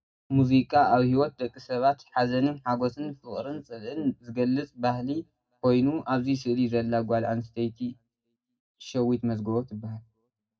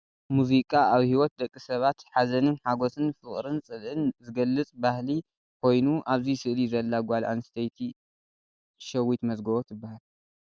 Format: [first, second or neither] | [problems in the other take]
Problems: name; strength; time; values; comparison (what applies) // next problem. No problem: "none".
second | room echo; dies away in 0.2 s